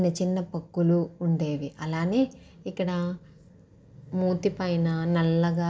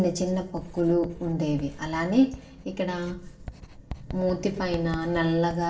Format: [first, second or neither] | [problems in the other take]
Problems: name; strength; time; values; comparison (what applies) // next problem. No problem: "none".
first | background sound (Writing); 15 dB below the speech // room echo; dies away in 0.6 s